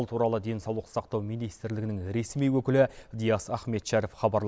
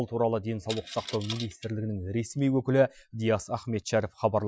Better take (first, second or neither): first